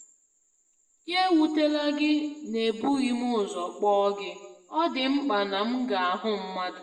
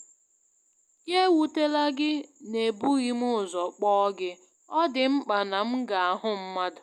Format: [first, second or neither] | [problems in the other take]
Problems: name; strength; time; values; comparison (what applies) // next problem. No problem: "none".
second | room echo; dies away in 0.8 s